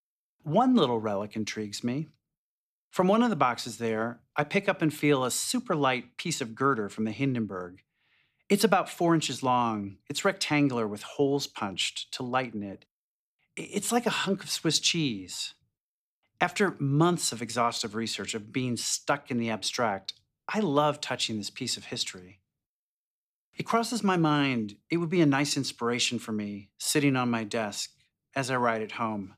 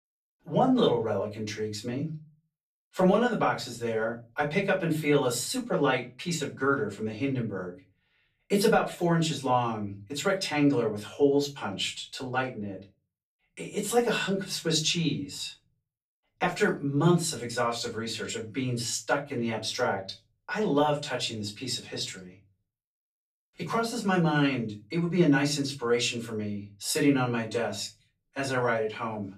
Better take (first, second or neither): first